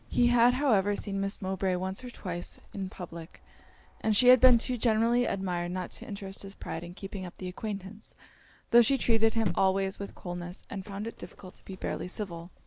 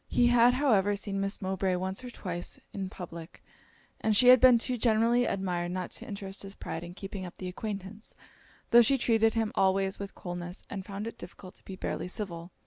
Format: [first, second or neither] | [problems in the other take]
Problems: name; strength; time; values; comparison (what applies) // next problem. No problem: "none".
second | background sound (Cricket); 3 dB below the speech